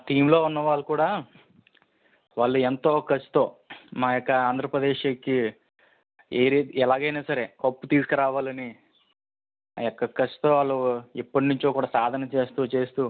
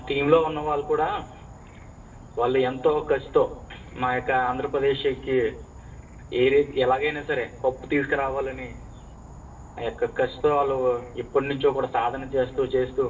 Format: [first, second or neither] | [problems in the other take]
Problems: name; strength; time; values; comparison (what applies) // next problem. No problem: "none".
first | background sound (Insect / Frog); 18 dB below the speech // room echo; dies away in 0.8 s